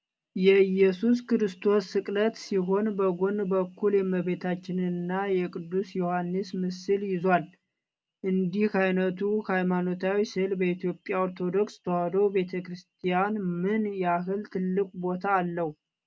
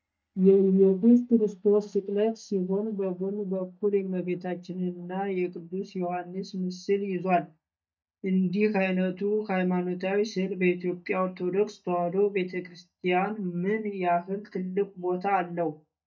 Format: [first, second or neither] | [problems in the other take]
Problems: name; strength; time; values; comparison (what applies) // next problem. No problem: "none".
first | noise reduction (neural mask model DeepFilterNet 3)